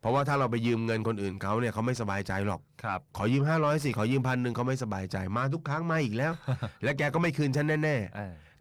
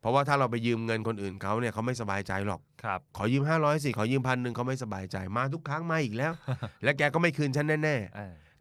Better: second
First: distortion; slight; 10 dB below the speech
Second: none

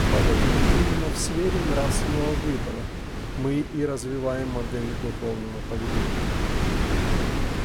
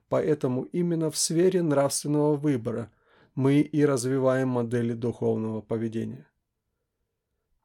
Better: second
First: wind noise on the microphone; heavy; 1 dB above the speech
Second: none

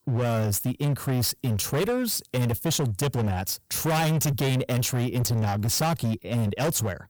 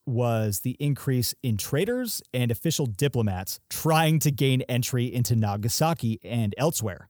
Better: second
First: distortion; heavy; 26% of the sound clipped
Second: none

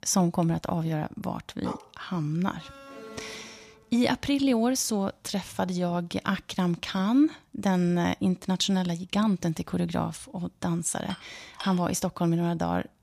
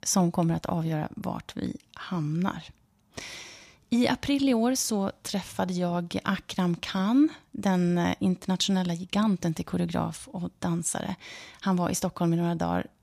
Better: second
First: dog barking; faint; at 1.5 s; peak 10 dB below the speech // alarm; faint; from 2.5 to 4 s; peak 15 dB below the speech // clattering dishes; faint; at 11 s; peak 10 dB below the speech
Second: none

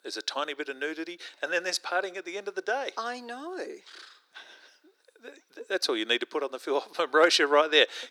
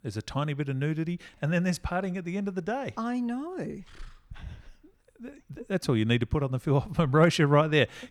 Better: second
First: thin; very; fading below 350 Hz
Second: none

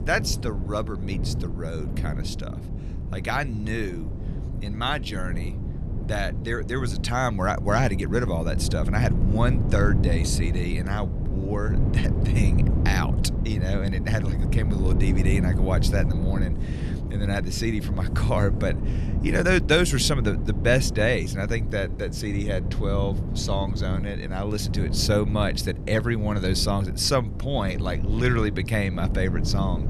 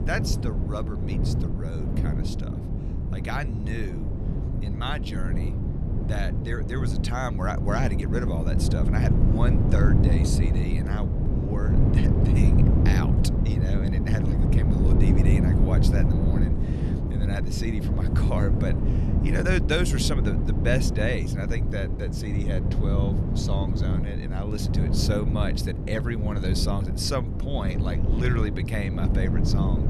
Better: first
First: wind noise on the microphone; occasional gusts; 10 dB below the speech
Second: wind noise on the microphone; heavy; 2 dB below the speech

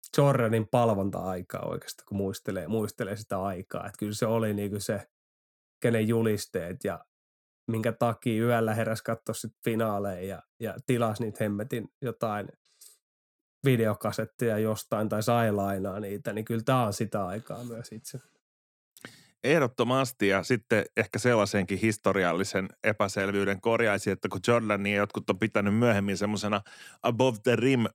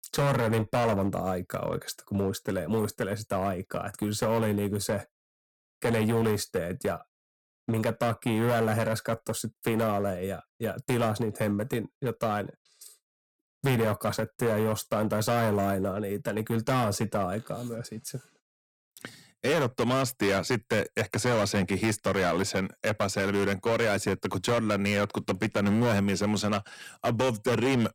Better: first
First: none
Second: distortion; heavy; 10% of the sound clipped

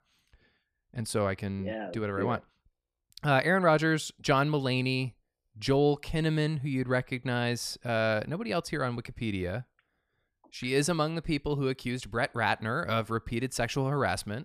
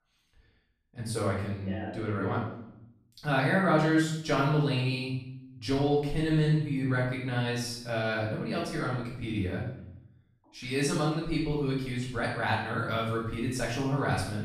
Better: first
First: none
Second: room echo; noticeable; dies away in 0.6 s // off-mic speech; far

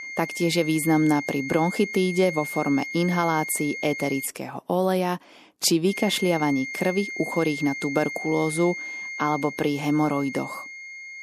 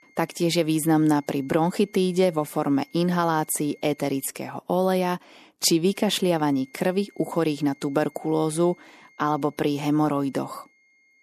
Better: second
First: high-pitched whine; loud; until 4.5 s and from 6 s on; 2 kHz, 8 dB below the speech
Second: high-pitched whine; faint; until 4.5 s and from 6 s on; 2 kHz, 30 dB below the speech

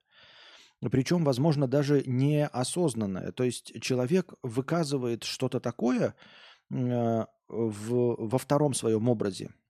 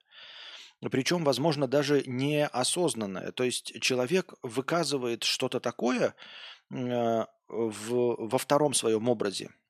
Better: first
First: none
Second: thin; very slightly; fading below 1 kHz

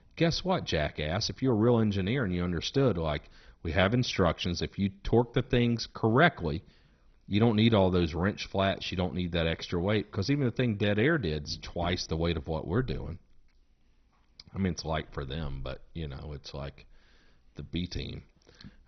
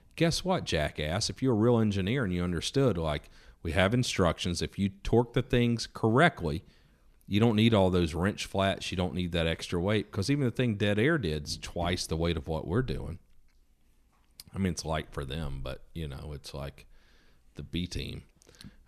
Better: second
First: garbled, watery; badly; nothing above 6 kHz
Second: none

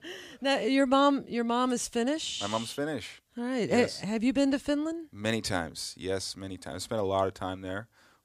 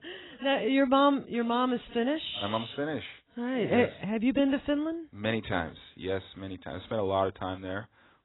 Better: first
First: none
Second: garbled, watery; badly; nothing above 4 kHz

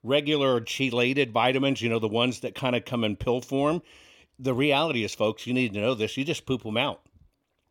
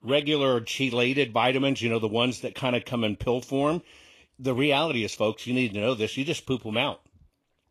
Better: first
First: none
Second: garbled, watery; slightly; nothing above 13 kHz

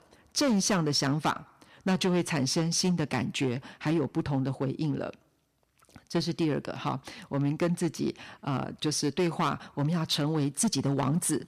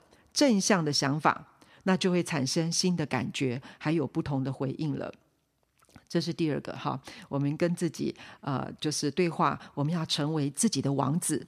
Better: second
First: distortion; slight; 6% of the sound clipped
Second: none

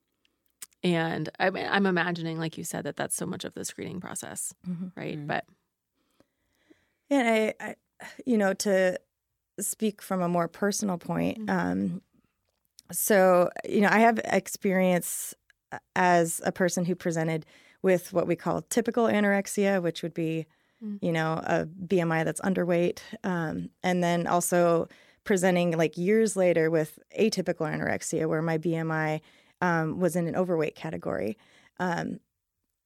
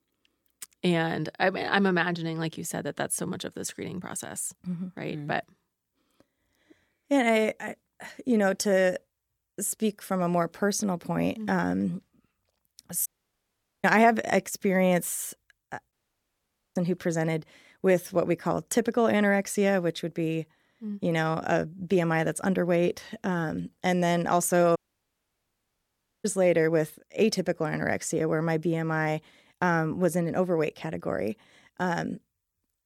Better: first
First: none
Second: audio cutting out; at 13 s for 1 s, at 16 s for 1 s and at 25 s for 1.5 s

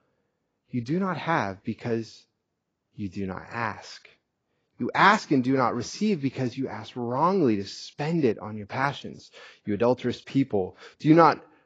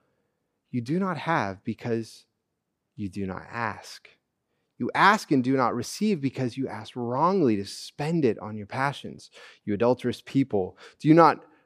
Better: second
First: garbled, watery; badly; nothing above 7.5 kHz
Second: none

